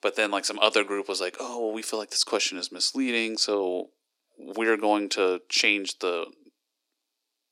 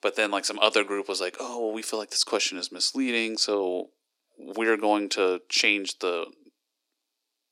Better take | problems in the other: neither | thin; somewhat; fading below 300 Hz; the same in both

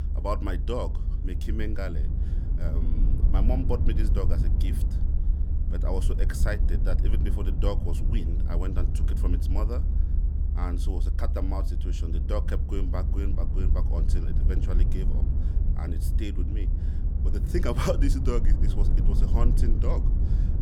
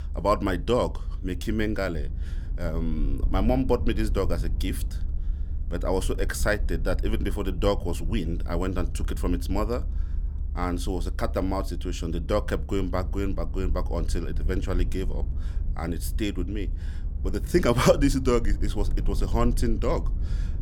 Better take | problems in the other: second | low rumble; loud; throughout; 7 dB below the speech; faint in the second

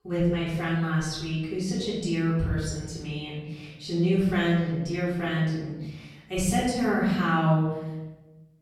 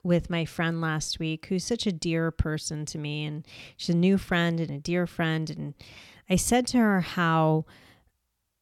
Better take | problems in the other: second | room echo; noticeable; dies away in 1 s // off-mic speech; far

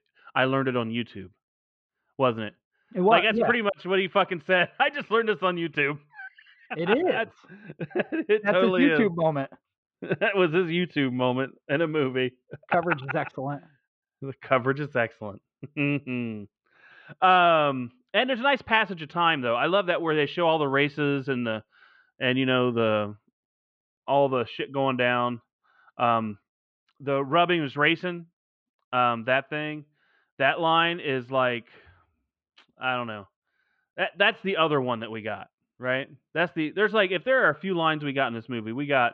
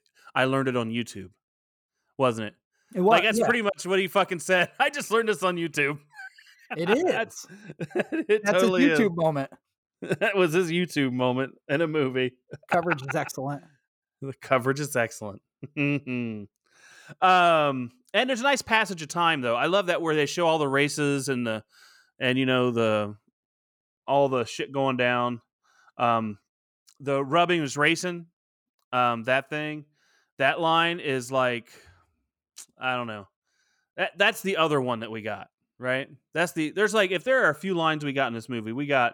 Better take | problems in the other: second | muffled; very; fading above 3.5 kHz

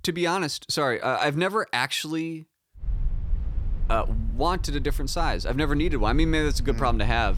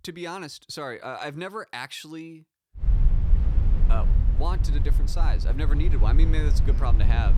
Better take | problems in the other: first | low rumble; loud; from 3 s on; 8 dB below the speech; faint in the first

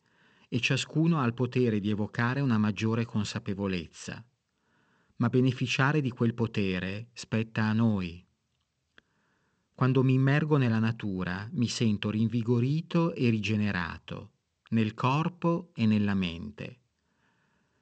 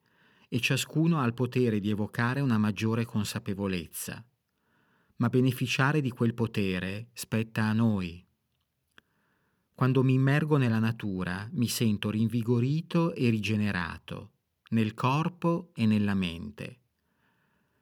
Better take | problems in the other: second | garbled, watery; slightly; nothing above 8 kHz

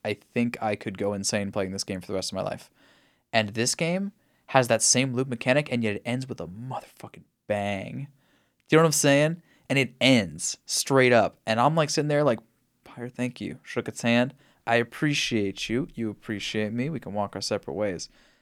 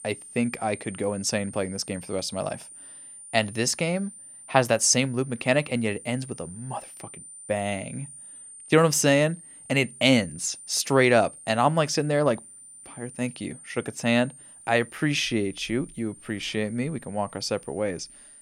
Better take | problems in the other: first | high-pitched whine; noticeable; throughout; 9 kHz, 20 dB below the speech

